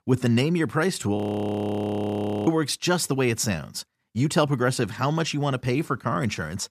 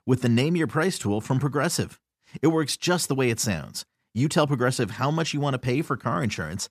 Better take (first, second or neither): second